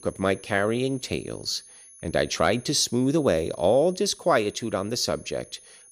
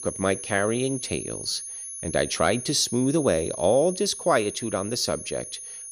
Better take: first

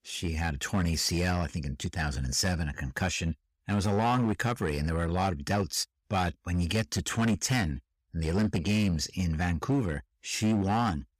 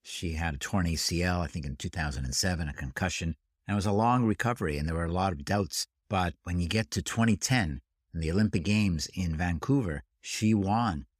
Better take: second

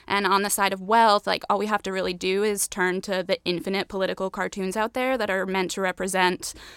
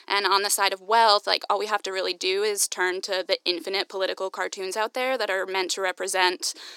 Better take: first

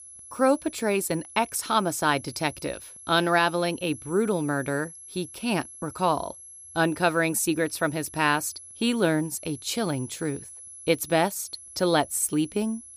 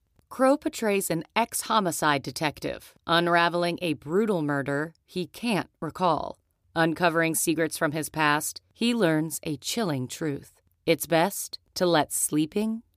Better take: second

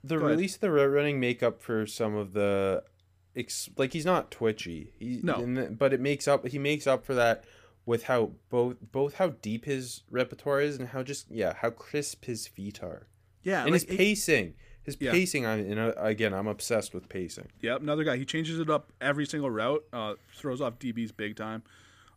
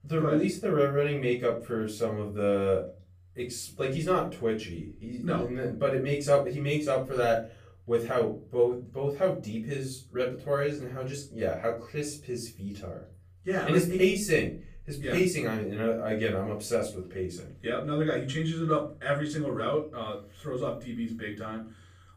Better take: first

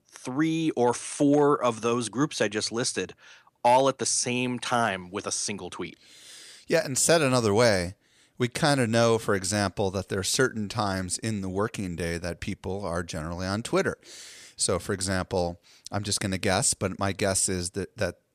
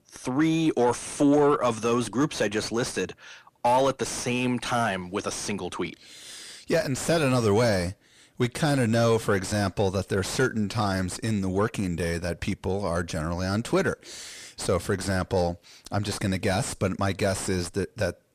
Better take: first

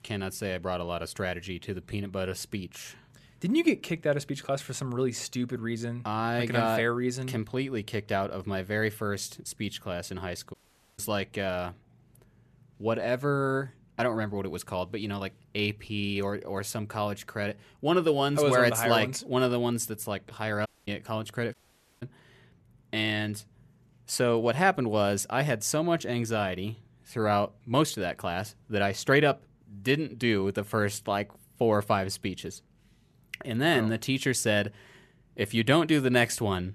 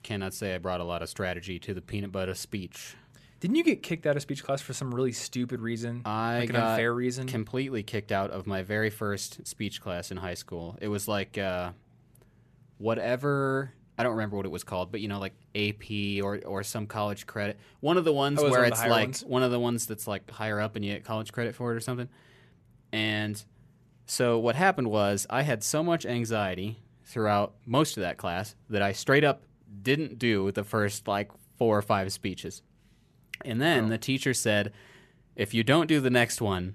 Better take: second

